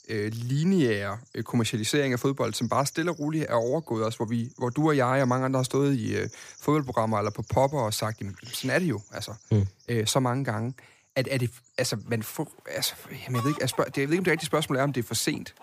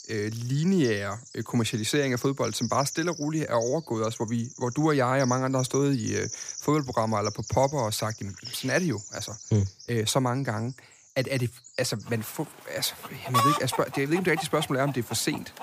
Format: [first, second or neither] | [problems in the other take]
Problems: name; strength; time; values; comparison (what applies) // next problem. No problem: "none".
first | animal sounds; loud; throughout; 8 dB below the speech; faint in the first